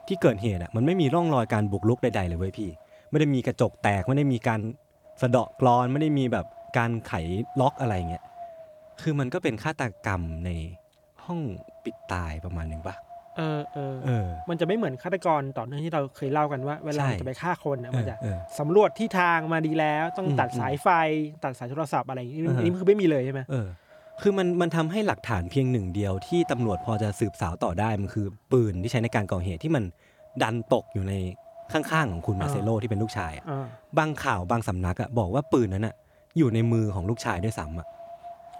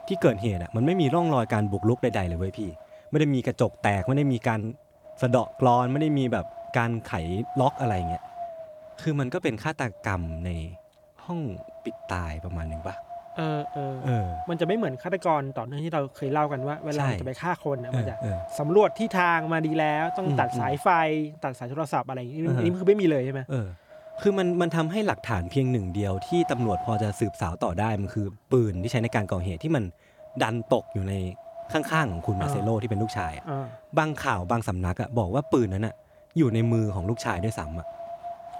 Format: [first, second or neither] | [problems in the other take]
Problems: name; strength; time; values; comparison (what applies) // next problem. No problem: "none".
first | wind noise on the microphone; heavy; 9 dB below the speech; occasional gusts in the first